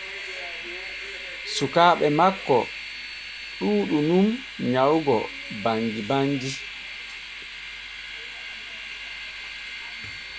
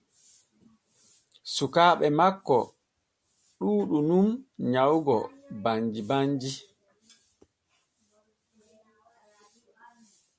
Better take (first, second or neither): second